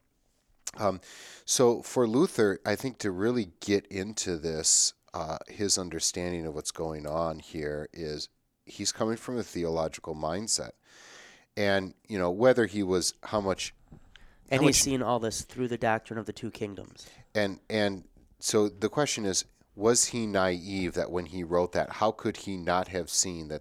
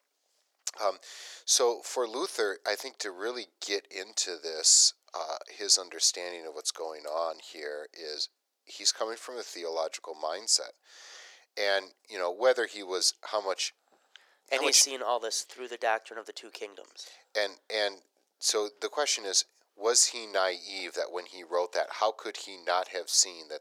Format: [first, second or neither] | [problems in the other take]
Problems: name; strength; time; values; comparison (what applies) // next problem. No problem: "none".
first | thin; very; fading below 450 Hz